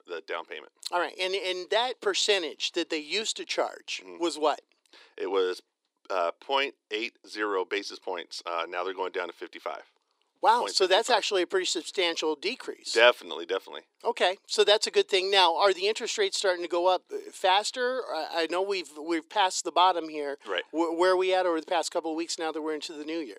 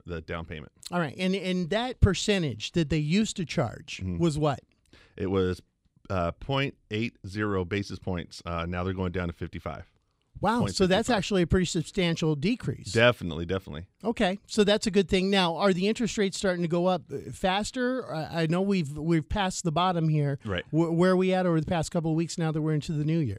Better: second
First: thin; very; fading below 350 Hz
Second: none

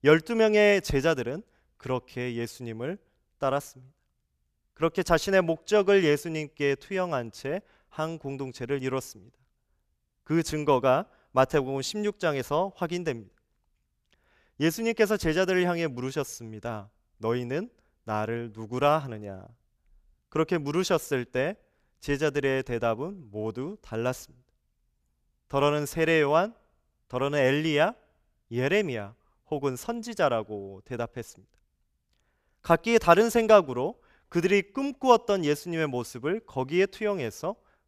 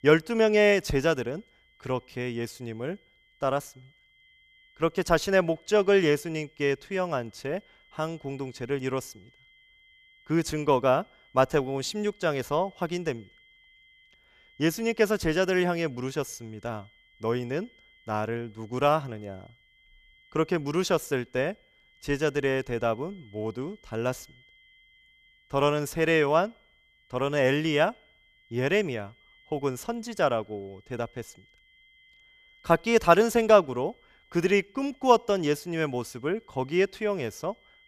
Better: first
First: none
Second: high-pitched whine; faint; throughout; 2 kHz, 30 dB below the speech

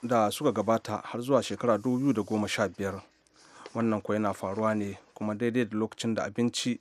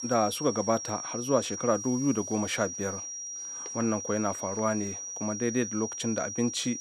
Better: first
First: none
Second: high-pitched whine; loud; throughout; 5.5 kHz, 5 dB below the speech

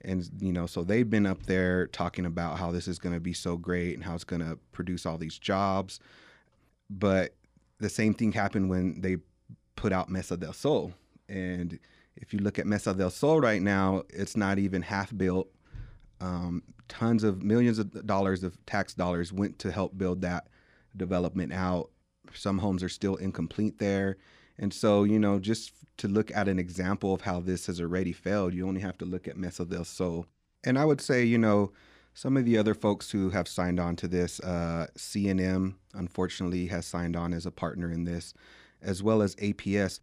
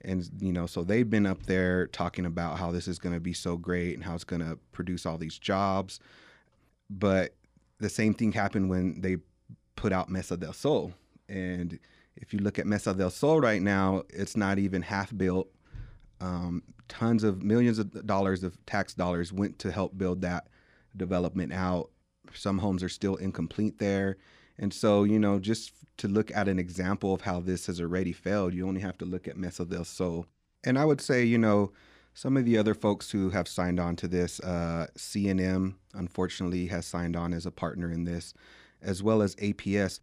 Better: neither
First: none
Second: none

